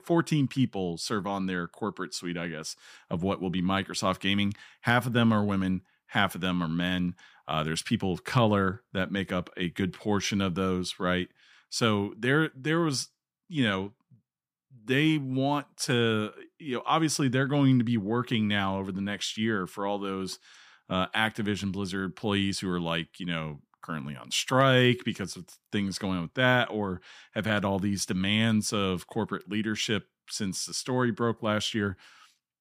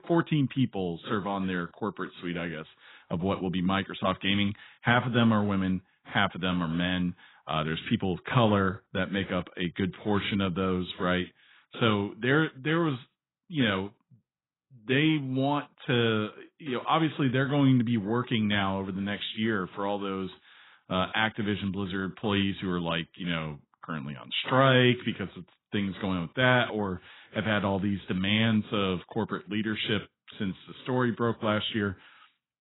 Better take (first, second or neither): first